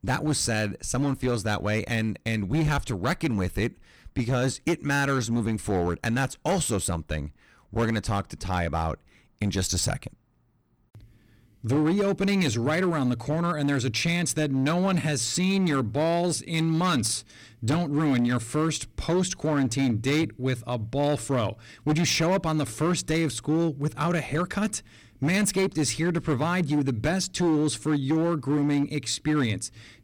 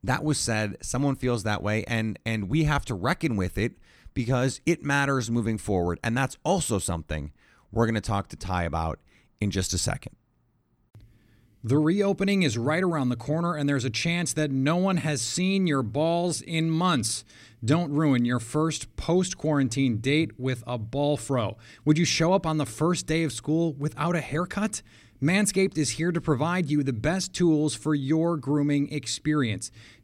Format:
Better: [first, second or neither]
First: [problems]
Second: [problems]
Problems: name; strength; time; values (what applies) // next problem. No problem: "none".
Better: second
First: distortion; slight; 9% of the sound clipped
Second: none